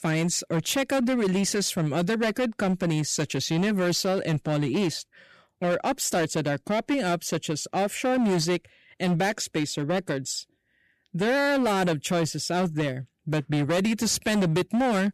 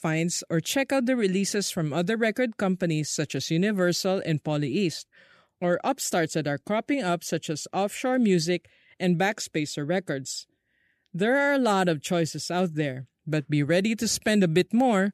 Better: second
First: distortion; slight; 16% of the sound clipped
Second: none

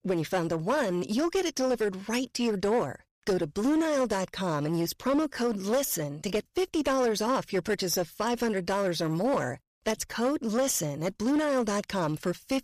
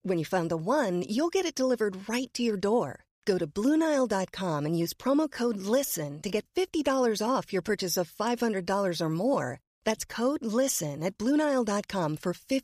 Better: second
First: distortion; slight; 11% of the sound clipped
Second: none

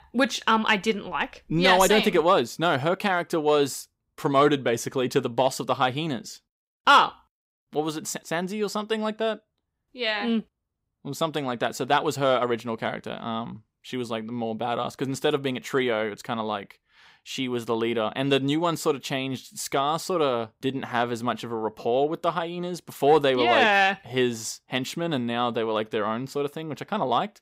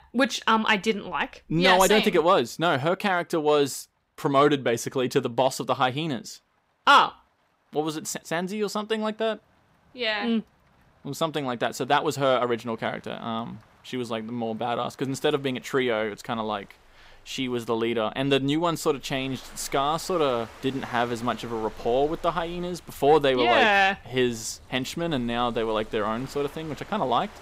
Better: first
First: none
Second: rain or running water; faint; throughout; 25 dB below the speech

